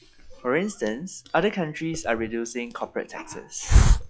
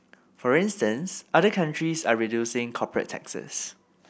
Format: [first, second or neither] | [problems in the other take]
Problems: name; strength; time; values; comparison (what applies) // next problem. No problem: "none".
second | noise reduction (classical method log-MMSE)